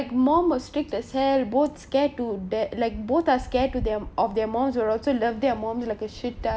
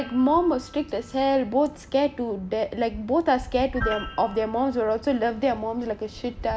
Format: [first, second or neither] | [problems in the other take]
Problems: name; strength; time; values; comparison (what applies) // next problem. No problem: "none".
first | background sound (Piano); 18 dB below the speech